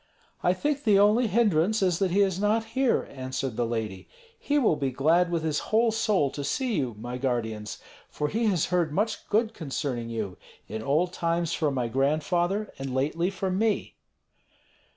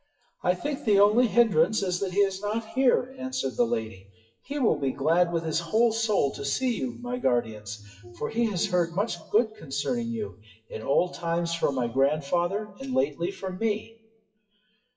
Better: first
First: none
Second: noise reduction (classical method WPE with log-MMSE)

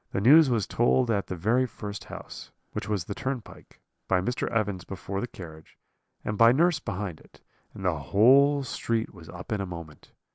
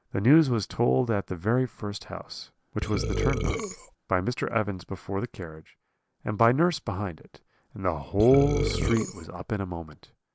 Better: first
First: none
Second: background sound (Burping, eructation); 2 dB below the speech

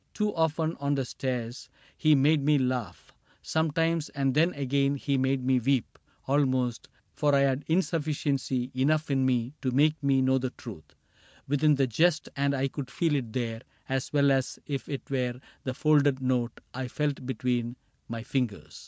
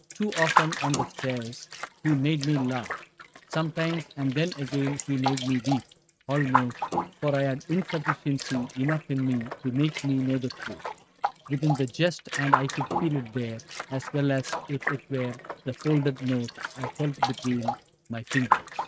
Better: first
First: none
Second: noise reduction (neural mask model RNNoise)

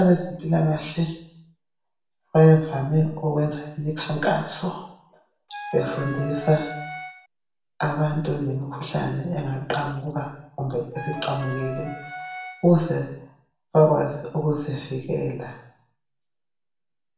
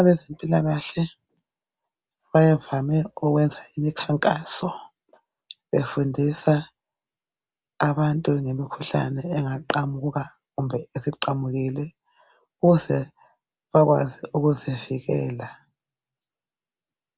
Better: second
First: background sound (Wind instrument, woodwind instrument); 10 dB below the speech // room echo; dies away in 0.6 s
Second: none

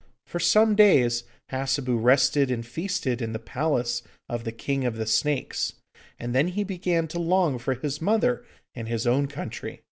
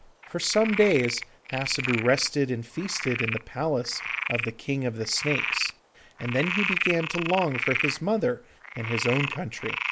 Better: first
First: none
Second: background sound (Frog); 5 dB below the speech

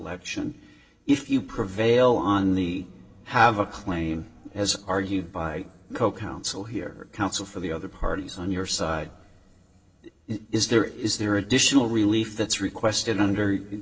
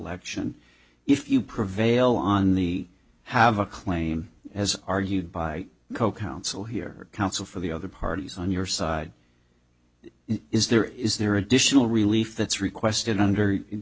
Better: second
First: room echo; dies away in 0.8 s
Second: none

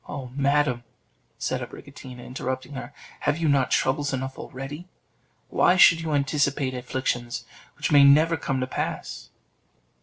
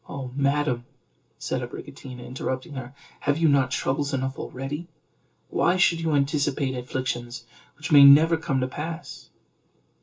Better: first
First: none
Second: room echo; dies away in 0.2 s

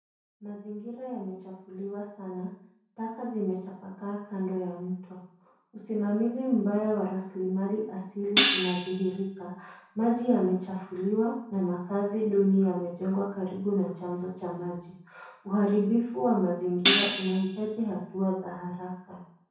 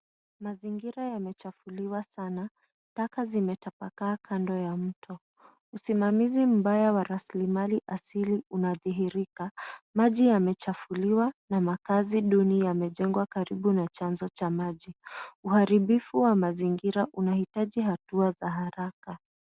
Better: second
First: background sound (Hi-hat); as loud as the speech // room echo; dies away in 0.6 s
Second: none

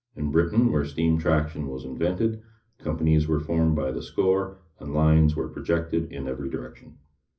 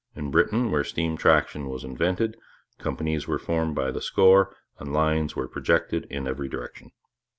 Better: second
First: room echo; dies away in 0.4 s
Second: none

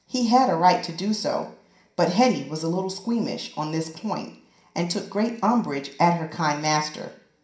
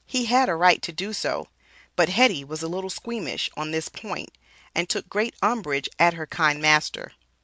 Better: second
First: room echo; dies away in 0.5 s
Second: none

